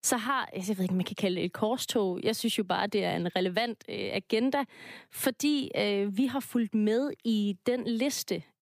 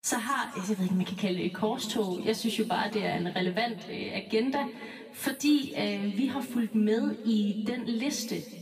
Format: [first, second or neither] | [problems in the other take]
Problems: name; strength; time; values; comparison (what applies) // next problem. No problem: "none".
first | room echo; noticeable; dies away in 1.8 s // off-mic speech; far